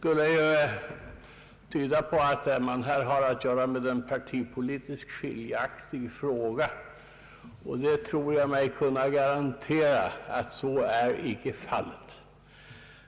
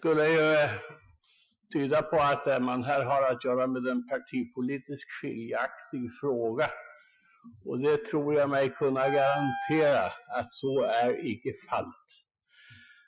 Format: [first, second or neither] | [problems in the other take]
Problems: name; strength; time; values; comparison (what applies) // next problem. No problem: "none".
first | noise reduction (classical method Wiener filter)